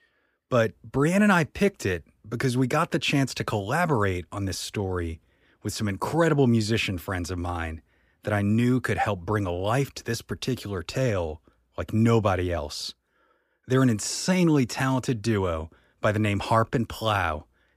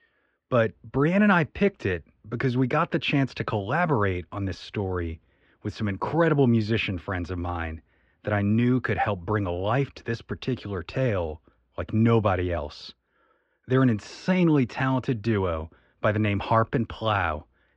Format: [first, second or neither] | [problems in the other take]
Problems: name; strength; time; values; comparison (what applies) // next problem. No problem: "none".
first | muffled; slightly; fading above 3.5 kHz